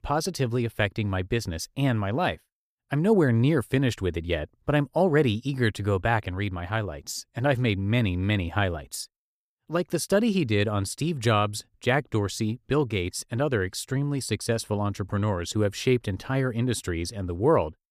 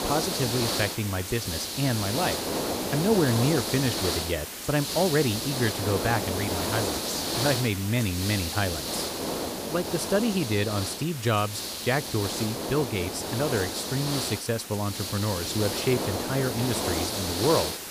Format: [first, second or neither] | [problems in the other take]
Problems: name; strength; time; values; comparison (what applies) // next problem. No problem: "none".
first | hiss; loud; throughout; 2 dB below the speech